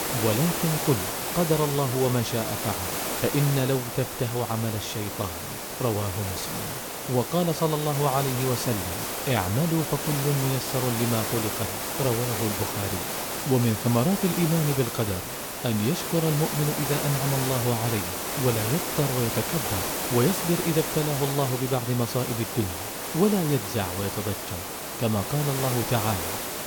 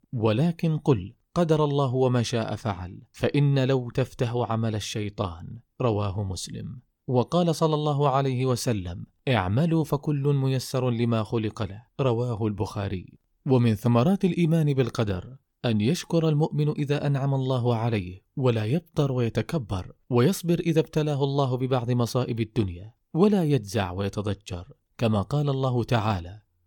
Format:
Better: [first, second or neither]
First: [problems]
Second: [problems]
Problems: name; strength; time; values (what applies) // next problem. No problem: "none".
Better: second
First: hiss; loud; throughout; 2 dB below the speech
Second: none